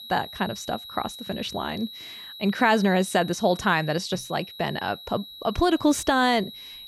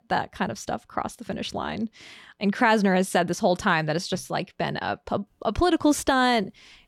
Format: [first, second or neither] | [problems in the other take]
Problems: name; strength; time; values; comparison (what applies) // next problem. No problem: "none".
second | high-pitched whine; noticeable; throughout; 4 kHz, 15 dB below the speech